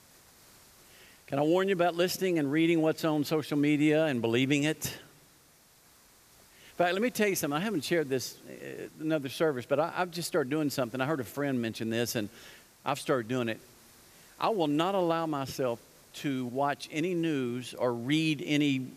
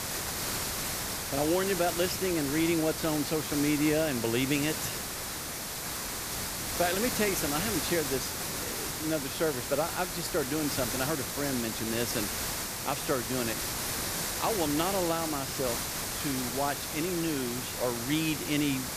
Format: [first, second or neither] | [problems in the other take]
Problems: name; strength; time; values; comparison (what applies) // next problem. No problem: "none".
first | hiss; loud; throughout; 1 dB below the speech; faint in the first